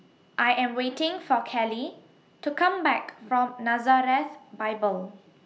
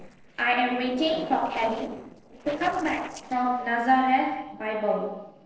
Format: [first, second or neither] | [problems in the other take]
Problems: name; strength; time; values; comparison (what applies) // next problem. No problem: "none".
first | noise reduction (neural separator model SepFormer DNS4)